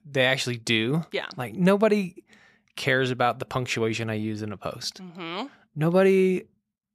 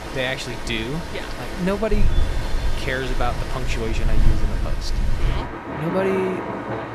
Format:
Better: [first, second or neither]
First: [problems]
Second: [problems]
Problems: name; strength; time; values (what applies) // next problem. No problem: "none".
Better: first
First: none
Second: rain or running water; loud; throughout; as loud as the speech